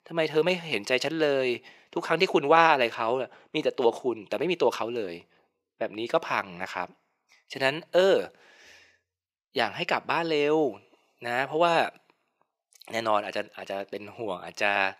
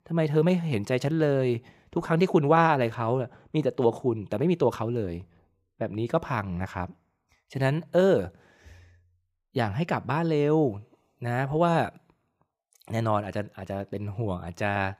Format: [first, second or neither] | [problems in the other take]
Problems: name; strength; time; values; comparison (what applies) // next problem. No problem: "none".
second | thin; somewhat; fading below 400 Hz